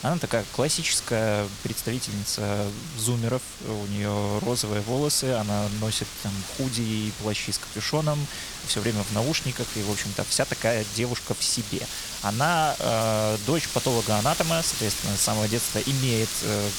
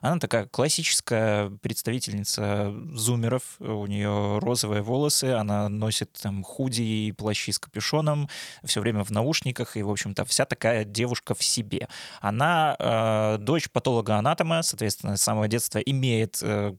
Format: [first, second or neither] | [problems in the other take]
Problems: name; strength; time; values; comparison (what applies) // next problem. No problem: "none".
second | wind noise on the microphone; heavy; 6 dB below the speech